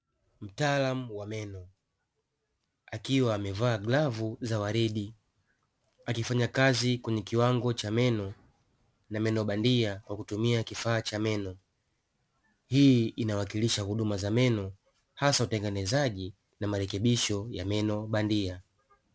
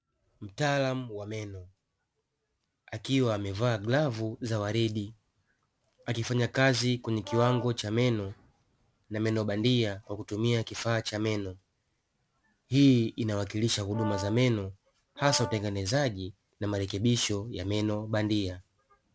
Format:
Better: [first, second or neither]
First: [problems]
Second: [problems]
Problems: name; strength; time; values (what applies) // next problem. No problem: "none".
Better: first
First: none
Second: background sound (Brass instrument); 11 dB below the speech